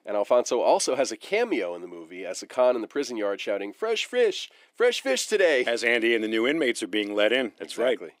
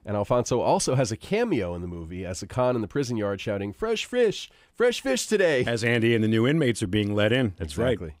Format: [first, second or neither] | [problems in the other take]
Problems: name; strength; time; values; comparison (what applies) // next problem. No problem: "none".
second | thin; somewhat; fading below 300 Hz